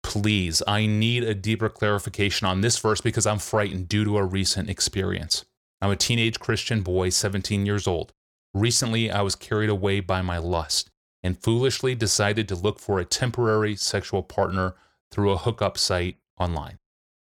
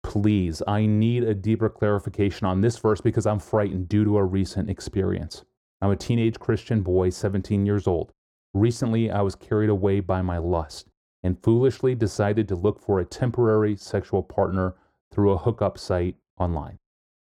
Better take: first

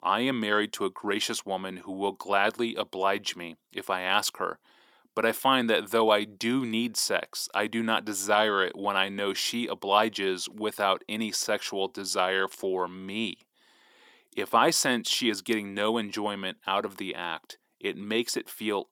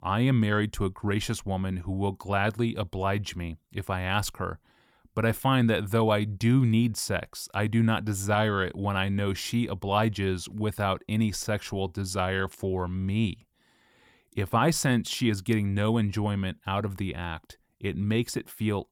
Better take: second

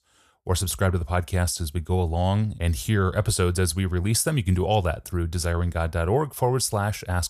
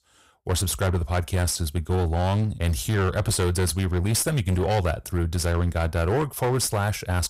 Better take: first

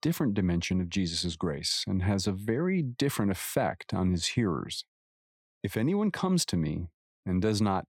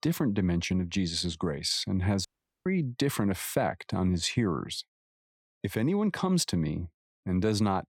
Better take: first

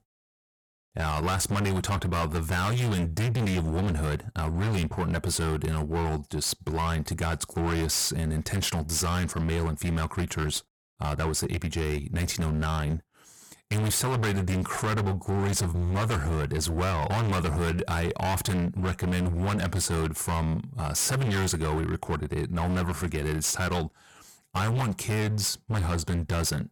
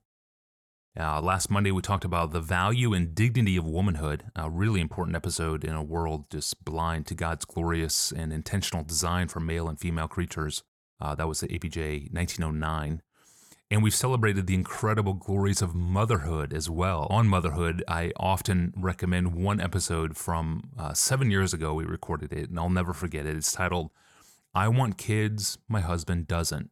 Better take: second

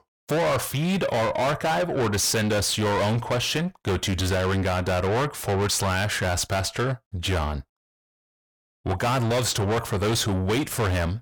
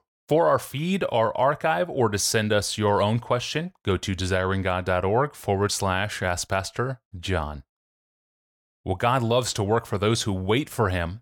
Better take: second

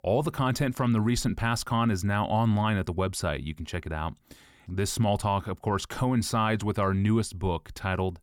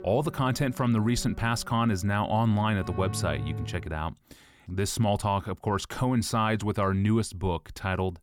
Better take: first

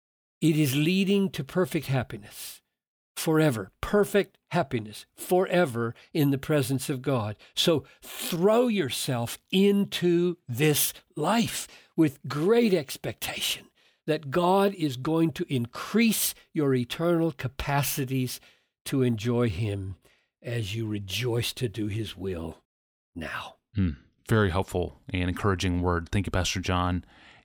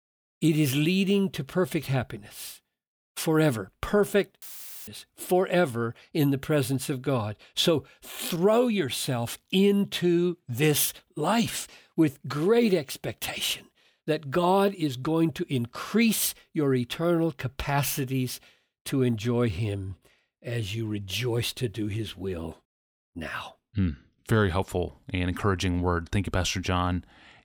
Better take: first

